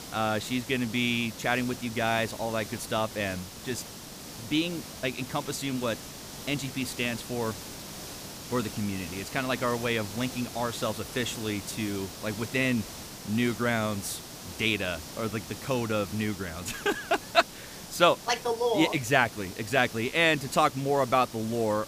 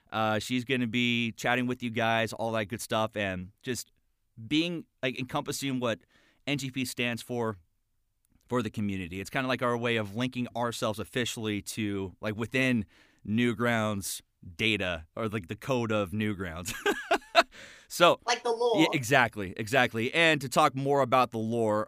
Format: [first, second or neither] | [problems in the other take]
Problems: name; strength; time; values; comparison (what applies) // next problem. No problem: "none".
second | hiss; noticeable; throughout; 10 dB below the speech